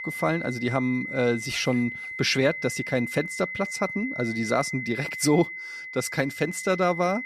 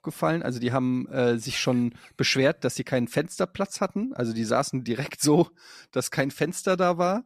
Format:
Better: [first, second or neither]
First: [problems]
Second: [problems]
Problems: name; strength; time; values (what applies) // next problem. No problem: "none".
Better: second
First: high-pitched whine; loud; throughout; 2 kHz, 7 dB below the speech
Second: none